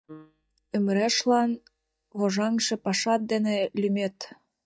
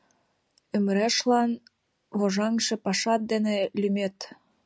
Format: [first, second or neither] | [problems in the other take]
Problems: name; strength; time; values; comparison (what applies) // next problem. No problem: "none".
second | noise reduction (neural mask model DeepFilterNet 3)